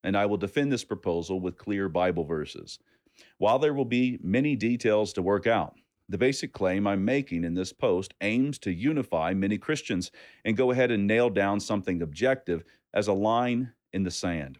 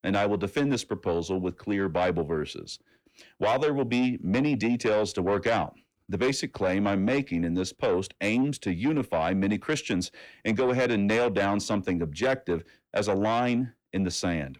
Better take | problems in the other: first | distortion; slight; 10 dB below the speech

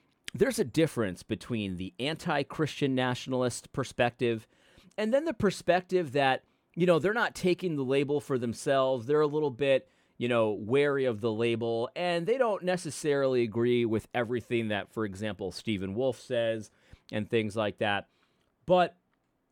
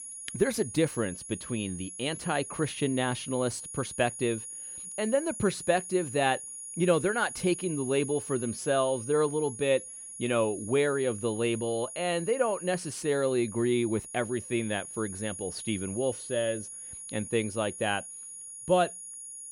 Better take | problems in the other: first | high-pitched whine; loud; throughout; 10.5 kHz, 9 dB below the speech

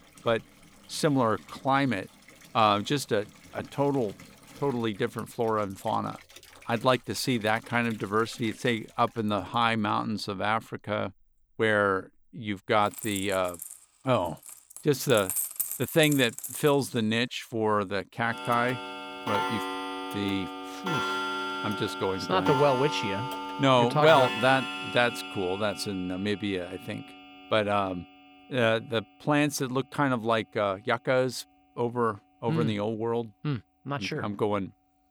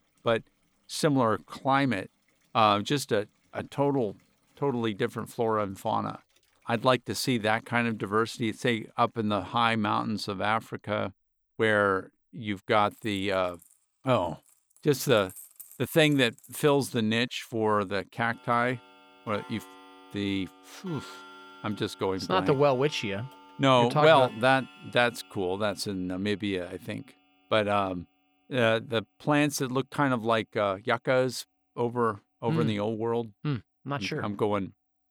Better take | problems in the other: second | household noises; loud; throughout; 7 dB below the speech; faint in the second

